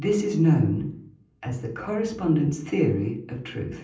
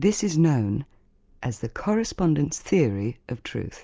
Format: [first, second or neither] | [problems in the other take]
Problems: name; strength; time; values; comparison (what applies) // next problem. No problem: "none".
second | room echo; dies away in 0.6 s